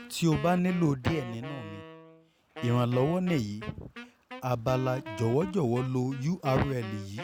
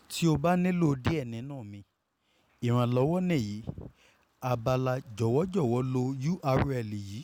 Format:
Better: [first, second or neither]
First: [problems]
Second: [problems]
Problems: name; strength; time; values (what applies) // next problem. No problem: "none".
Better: second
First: background sound (Wind instrument, woodwind instrument); 14 dB below the speech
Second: none